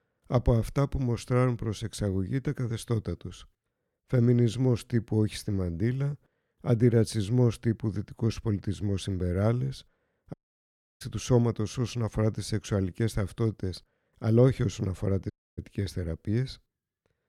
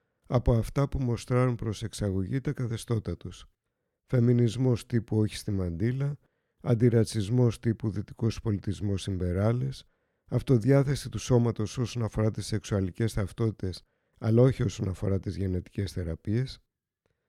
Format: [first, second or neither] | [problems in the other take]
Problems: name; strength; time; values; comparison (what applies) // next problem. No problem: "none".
second | audio cutting out; at 10 s for 0.5 s and at 15 s